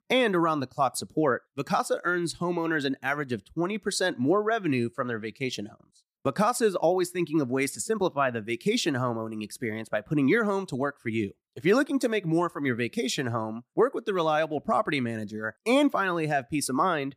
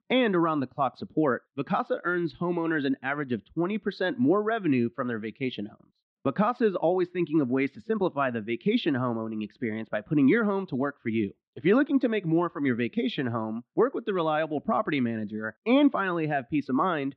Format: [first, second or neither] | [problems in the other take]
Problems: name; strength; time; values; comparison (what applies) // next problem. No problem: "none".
first | muffled; very; fading above 3.5 kHz